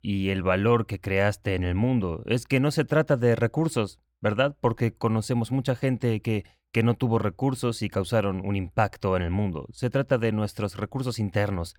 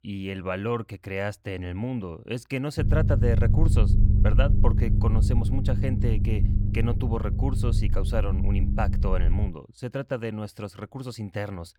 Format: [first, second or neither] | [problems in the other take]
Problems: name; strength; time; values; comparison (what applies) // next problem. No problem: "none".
first | low rumble; loud; from 3 to 9.5 s; 6 dB below the speech